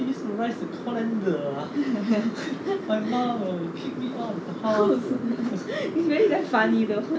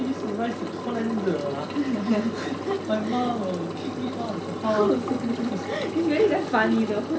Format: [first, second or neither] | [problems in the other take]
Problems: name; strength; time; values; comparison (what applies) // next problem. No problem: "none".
first | background sound (Engine); 10 dB below the speech